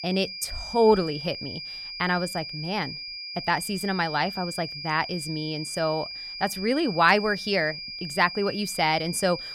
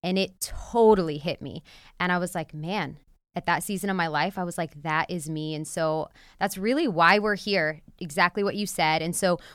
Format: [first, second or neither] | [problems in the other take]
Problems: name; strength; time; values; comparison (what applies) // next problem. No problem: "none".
second | high-pitched whine; loud; throughout; 5 kHz, 8 dB below the speech